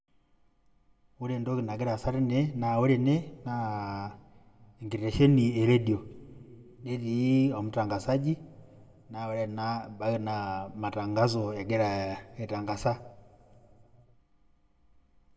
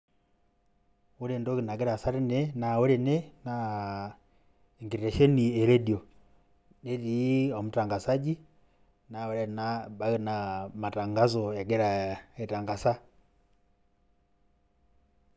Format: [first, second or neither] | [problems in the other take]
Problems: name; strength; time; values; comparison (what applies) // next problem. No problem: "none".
second | room echo; dies away in 1.1 s